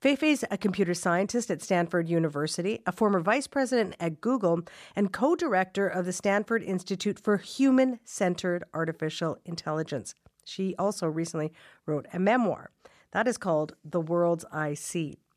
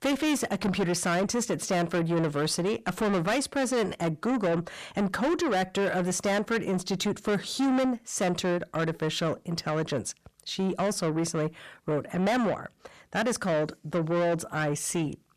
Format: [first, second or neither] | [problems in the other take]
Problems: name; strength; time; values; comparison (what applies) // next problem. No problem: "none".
first | distortion; heavy; 7 dB below the speech